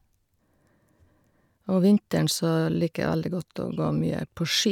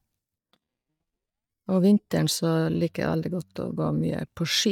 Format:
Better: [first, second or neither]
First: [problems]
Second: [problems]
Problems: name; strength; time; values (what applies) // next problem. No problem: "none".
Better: first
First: none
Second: noise reduction (neural mask model DeepFilterNet 3)